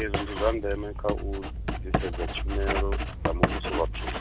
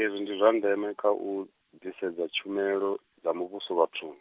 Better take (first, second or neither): second